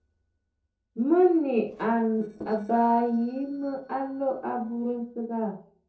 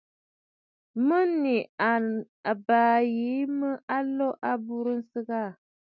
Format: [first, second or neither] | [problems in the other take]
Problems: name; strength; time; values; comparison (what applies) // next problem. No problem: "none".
second | noise reduction (neural separator model SepFormer DNS4)